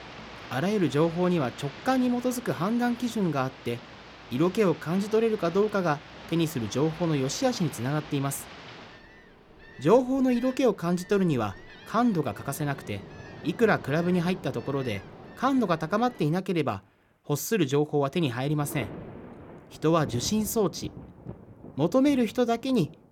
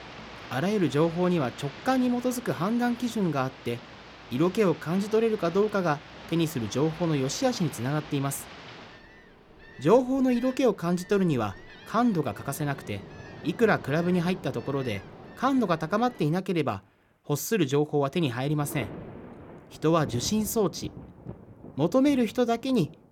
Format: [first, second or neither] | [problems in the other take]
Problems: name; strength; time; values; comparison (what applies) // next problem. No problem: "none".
neither | rain or running water; noticeable; throughout; 15 dB below the speech; the same in both